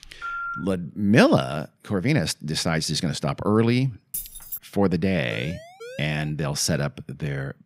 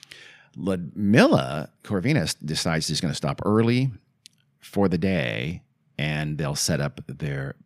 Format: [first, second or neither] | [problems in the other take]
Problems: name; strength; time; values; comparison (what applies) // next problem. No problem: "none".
second | phone ringing; noticeable; at the start; peak 6 dB below the speech // jangling keys; noticeable; at 4 s; peak 8 dB below the speech // siren; faint; at 5.5 s; peak 15 dB below the speech